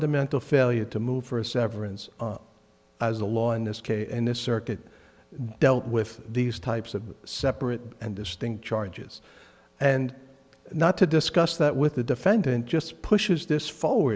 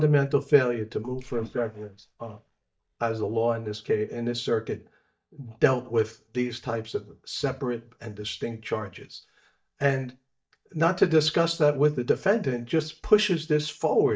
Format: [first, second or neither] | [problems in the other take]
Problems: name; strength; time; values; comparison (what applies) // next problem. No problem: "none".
first | noise reduction (neural mask model DeepFilterNet 3)